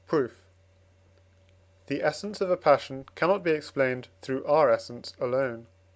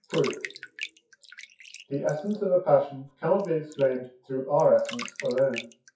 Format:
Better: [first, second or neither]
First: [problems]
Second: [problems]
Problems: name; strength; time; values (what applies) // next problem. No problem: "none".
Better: first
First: none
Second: noise reduction (classical method WPE with log-MMSE)